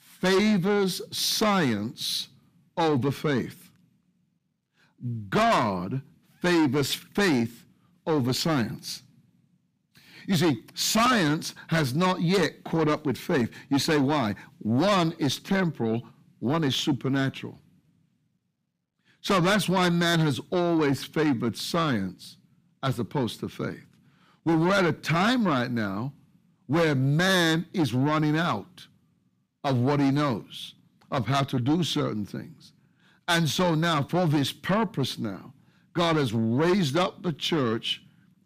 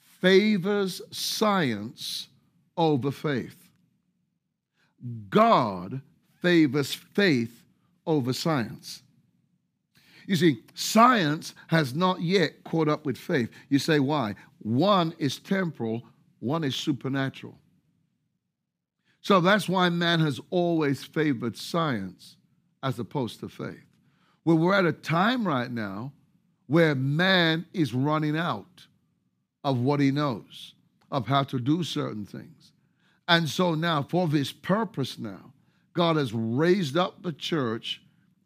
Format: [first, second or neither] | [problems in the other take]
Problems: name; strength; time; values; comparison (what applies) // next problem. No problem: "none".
second | distortion; heavy; 7 dB below the speech